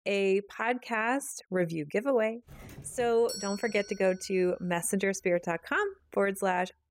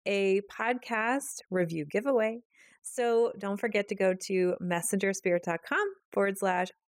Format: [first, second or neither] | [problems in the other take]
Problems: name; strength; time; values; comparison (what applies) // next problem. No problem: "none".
second | doorbell; noticeable; from 2.5 to 4 s; peak 8 dB below the speech